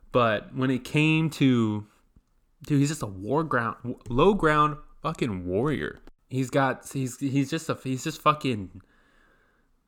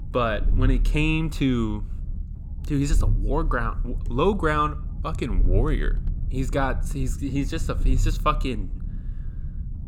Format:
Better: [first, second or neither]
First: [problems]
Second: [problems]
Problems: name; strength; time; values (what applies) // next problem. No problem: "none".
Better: first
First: none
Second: low rumble; noticeable; throughout; 20 dB below the speech